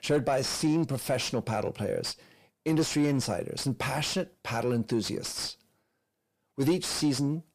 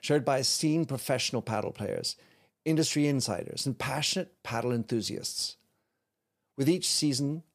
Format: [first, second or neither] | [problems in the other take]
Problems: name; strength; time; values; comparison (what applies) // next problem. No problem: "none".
second | distortion; slight; 9 dB below the speech